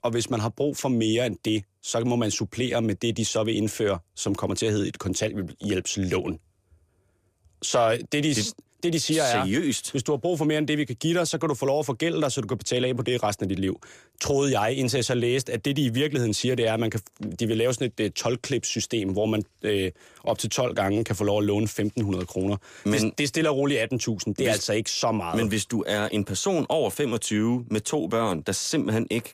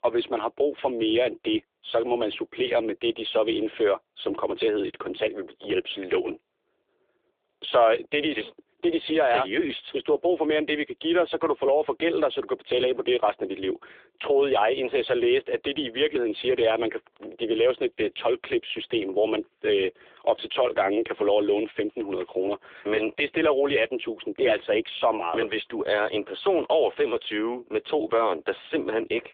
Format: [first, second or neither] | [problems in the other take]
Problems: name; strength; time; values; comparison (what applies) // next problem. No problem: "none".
first | phone-call audio; nothing above 3.5 kHz